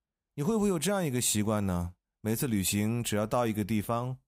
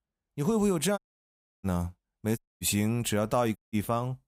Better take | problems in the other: first | audio cutting out; at 1 s for 0.5 s, at 2.5 s and at 3.5 s

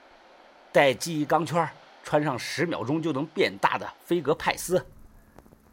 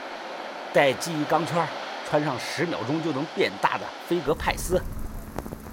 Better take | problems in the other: first | rain or running water; loud; throughout; 9 dB below the speech; faint in the first

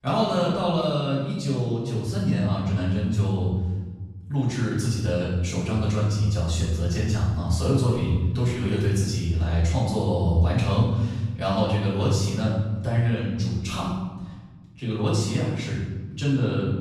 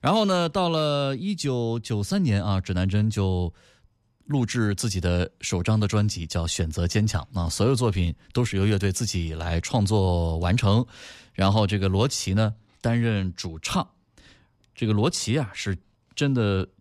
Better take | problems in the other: second | off-mic speech; far // room echo; strong; dies away in 1.5 s

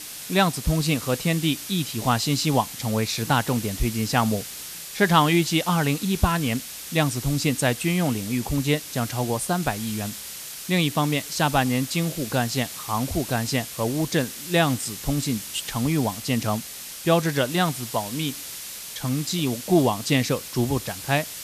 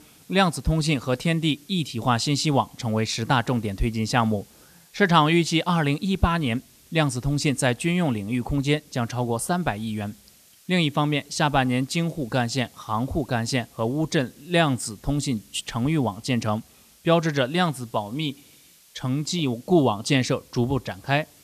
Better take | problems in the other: second | hiss; loud; throughout; 9 dB below the speech; faint in the second

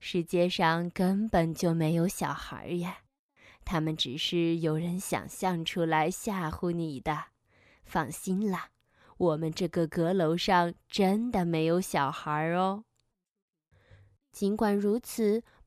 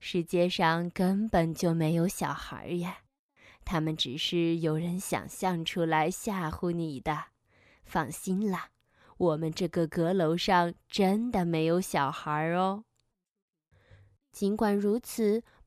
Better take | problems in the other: neither | none

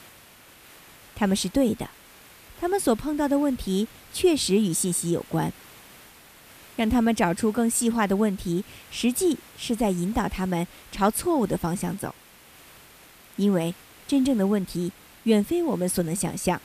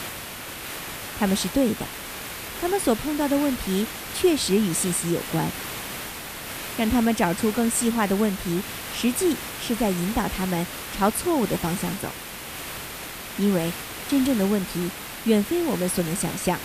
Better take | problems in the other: first | hiss; loud; throughout; 8 dB below the speech; faint in the first

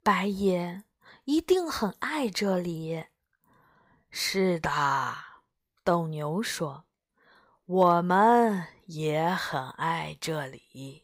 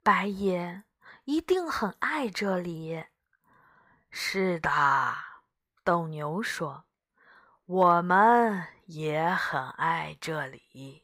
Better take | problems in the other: first | muffled; very slightly; fading above 3 kHz

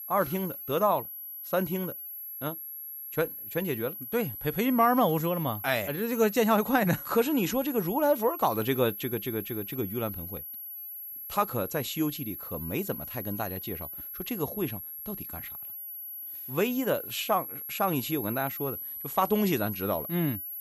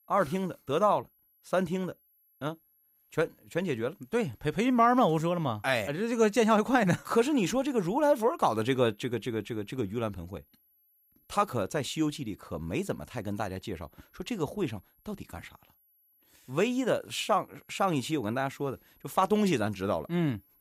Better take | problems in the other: second | high-pitched whine; loud; throughout; 11.5 kHz, 7 dB below the speech; faint in the second

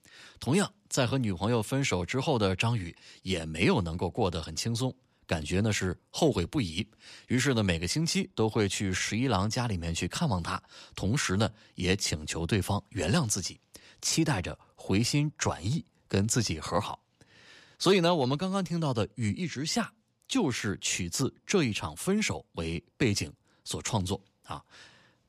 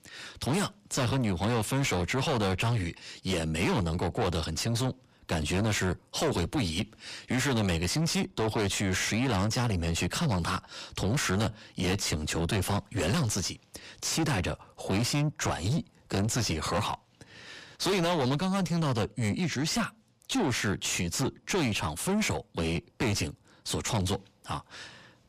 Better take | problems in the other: first | distortion; heavy; 6 dB below the speech

